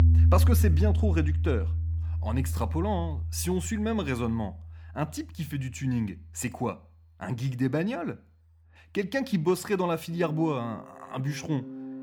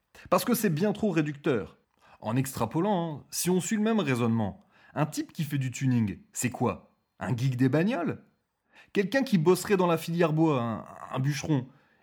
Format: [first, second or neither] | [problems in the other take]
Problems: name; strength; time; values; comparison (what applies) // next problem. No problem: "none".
second | background music; very loud; throughout; 3 dB above the speech